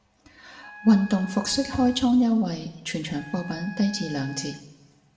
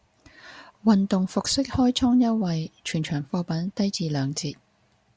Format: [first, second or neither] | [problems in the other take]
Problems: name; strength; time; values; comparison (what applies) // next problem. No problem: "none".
second | background sound (Wind instrument, woodwind instrument); 20 dB below the speech // room echo; dies away in 0.8 s